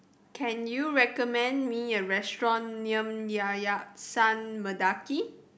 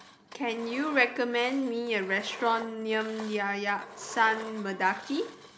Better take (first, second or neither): first